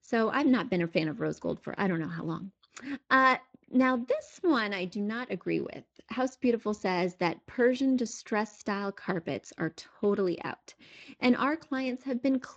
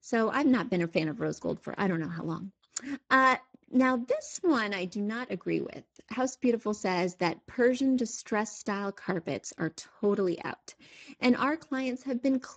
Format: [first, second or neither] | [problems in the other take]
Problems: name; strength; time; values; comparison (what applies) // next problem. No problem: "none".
first | garbled, watery; badly; nothing above 7.5 kHz; slightly in the first